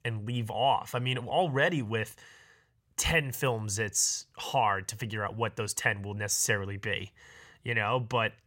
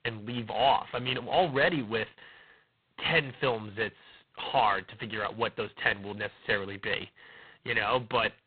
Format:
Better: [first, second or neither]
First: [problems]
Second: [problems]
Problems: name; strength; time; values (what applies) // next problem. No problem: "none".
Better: first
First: none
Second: phone-call audio; poor line; nothing above 4 kHz